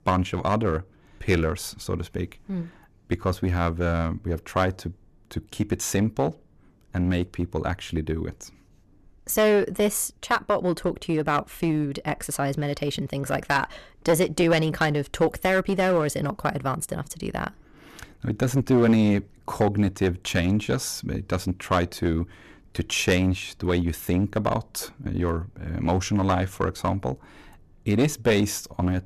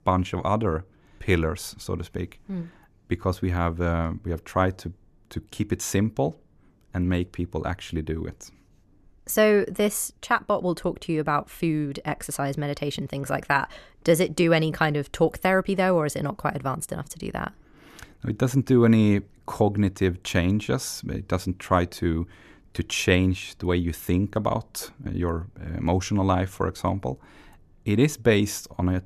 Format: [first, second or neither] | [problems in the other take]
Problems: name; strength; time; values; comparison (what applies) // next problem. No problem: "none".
second | distortion; slight; 5% of the sound clipped